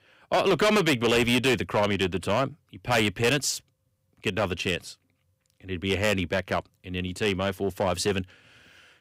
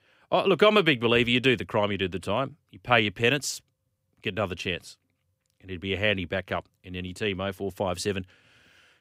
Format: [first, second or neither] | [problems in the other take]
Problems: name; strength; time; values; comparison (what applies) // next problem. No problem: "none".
second | distortion; heavy; 7% of the sound clipped